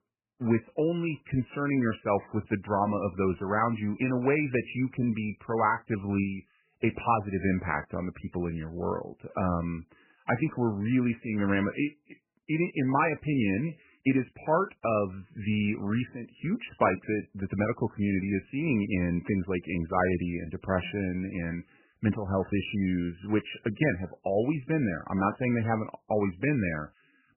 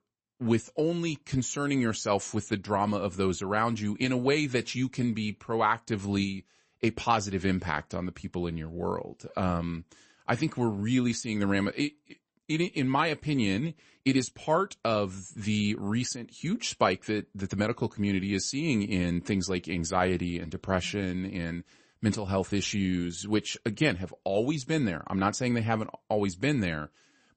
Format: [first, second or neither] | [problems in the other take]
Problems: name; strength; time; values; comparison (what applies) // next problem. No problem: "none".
second | garbled, watery; badly; nothing above 3 kHz; slightly in the second